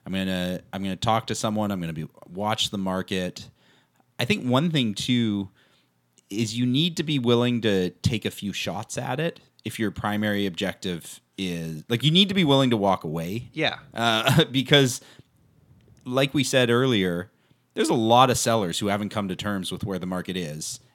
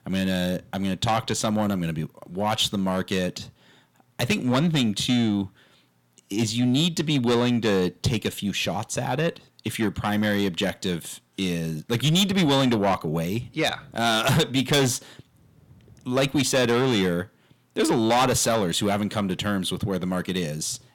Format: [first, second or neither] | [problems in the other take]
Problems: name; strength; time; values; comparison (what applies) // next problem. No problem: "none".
first | distortion; heavy; 8 dB below the speech